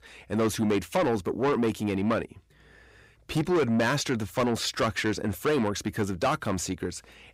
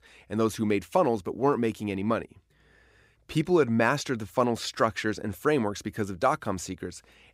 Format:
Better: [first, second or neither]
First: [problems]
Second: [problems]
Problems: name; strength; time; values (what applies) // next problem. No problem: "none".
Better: second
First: distortion; heavy; 7 dB below the speech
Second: none